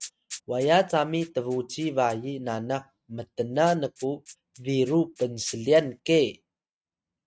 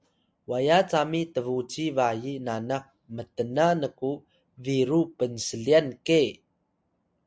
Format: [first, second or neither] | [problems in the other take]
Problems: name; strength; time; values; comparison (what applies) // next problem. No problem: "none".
second | noise reduction (neural mask model RNNoise)